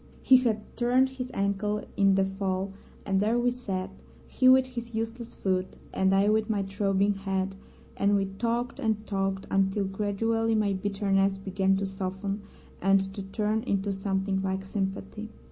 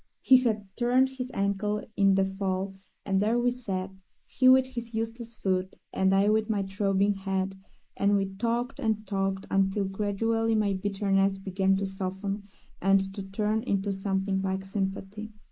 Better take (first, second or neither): first